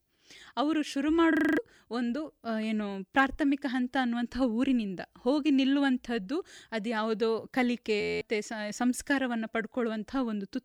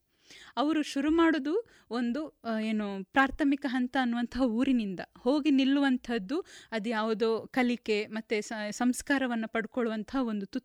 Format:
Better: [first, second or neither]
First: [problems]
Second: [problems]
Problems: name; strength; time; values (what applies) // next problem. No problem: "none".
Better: second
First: audio freezing; at 1.5 s and at 8 s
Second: none